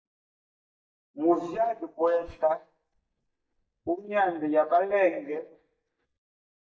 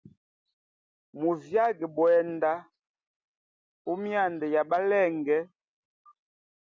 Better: second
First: noise reduction (neural mask model DeepFilterNet 3)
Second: none

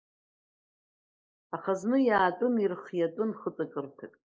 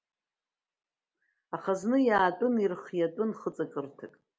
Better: second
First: noise reduction (neural mask model Resemble Enhance denoiser)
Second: none

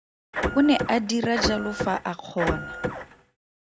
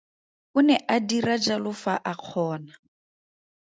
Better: second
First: background sound (Printer); 4 dB below the speech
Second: none

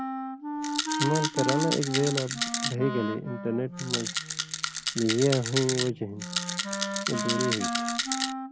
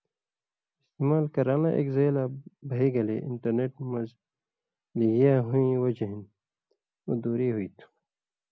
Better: second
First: background sound (Rattle + Wind instrument, woodwind instrument); 1 dB below the speech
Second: none

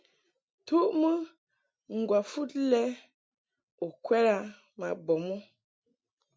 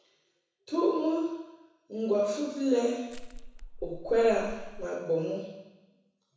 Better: first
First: none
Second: background sound (Crushing); 10 dB below the speech // room echo; dies away in 1 s

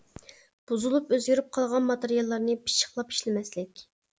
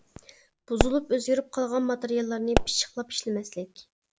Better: first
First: none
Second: background sound (Explosion); 2 dB below the speech

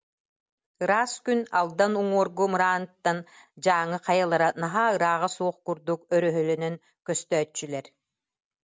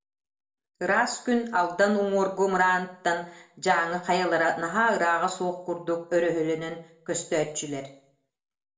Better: first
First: none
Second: room echo; dies away in 0.4 s

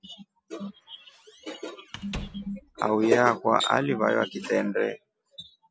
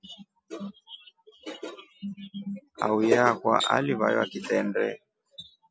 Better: second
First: background sound (Squeak / Slam); 16 dB below the speech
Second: none

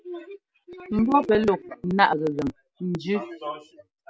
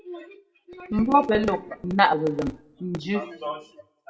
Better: first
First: none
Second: room echo; dies away in 0.3 s

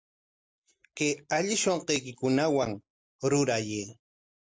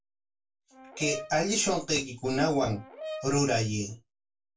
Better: first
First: none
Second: background sound (Brass instrument); 14 dB below the speech // room echo; dies away in 0.2 s

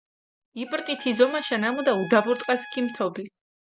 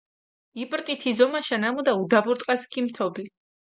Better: second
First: background sound (Trumpet); 16 dB below the speech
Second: none

